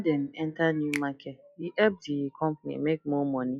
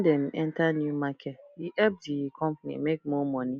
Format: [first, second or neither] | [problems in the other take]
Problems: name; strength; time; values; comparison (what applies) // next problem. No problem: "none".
second | noise reduction (classical method log-MMSE)